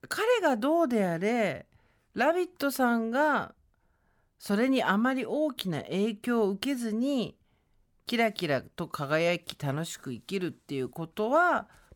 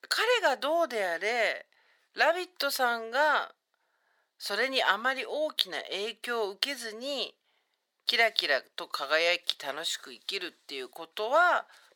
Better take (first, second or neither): first